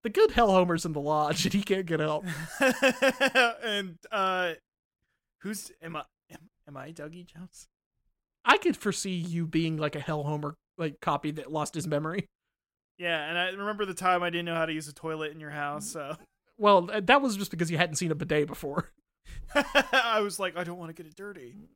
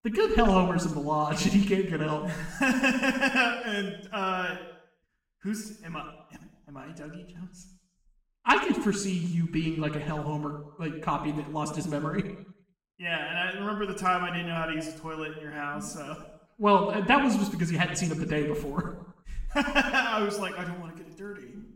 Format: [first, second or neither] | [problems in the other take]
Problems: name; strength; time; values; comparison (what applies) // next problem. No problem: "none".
first | room echo; noticeable; dies away in 0.8 s // off-mic speech; far